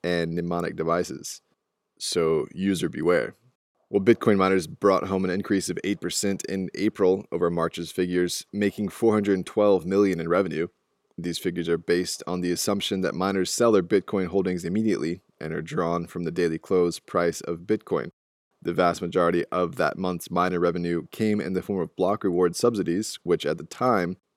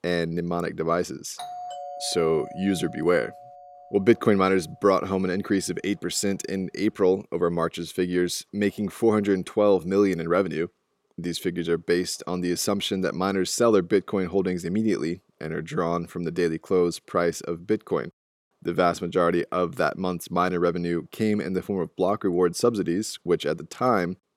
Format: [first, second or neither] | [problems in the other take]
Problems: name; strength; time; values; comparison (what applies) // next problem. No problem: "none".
first | doorbell; faint; from 1.5 to 4.5 s; peak 10 dB below the speech